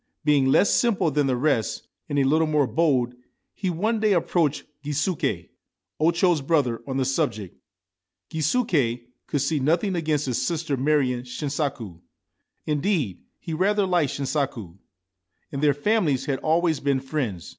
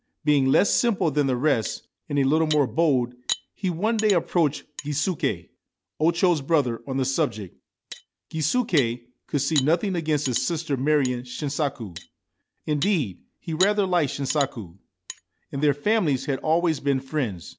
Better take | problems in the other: first | background sound (Cutlery, silverware); 14 dB below the speech

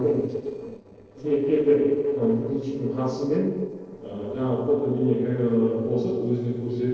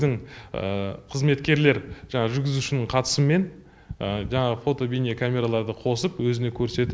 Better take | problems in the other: second | noise reduction (neural separator model SepFormer DNS4)

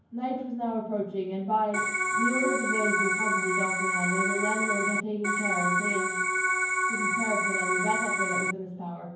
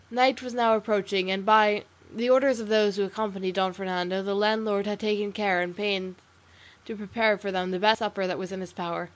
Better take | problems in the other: second | background sound (Organ); 4 dB above the speech // room echo; dies away in 0.9 s

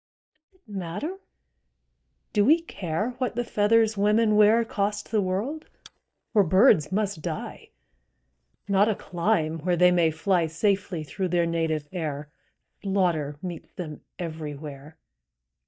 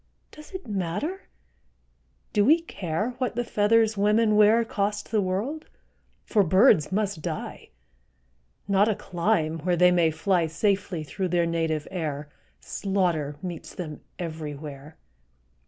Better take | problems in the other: second | noise reduction (neural mask model DeepFilterNet 3)

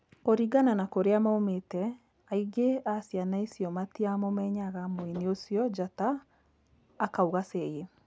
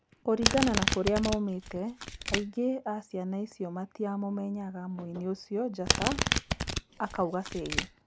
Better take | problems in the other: first | background sound (Domestic sounds, home sounds); as loud as the speech

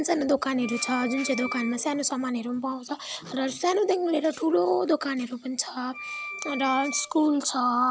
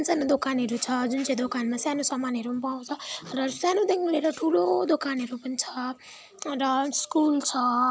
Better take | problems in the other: second | background sound (Wind instrument, woodwind instrument); 10 dB below the speech

